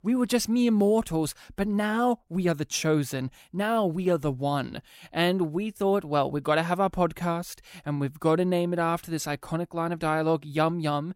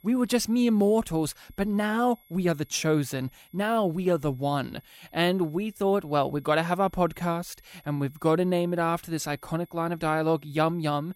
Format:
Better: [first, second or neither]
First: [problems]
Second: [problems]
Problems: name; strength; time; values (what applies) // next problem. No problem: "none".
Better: first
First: none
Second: high-pitched whine; faint; throughout; 11.5 kHz, 30 dB below the speech